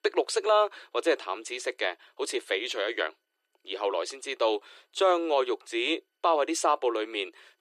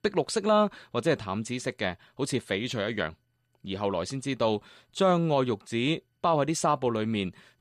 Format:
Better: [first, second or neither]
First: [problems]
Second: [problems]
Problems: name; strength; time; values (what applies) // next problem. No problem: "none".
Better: second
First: thin; very; fading below 350 Hz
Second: none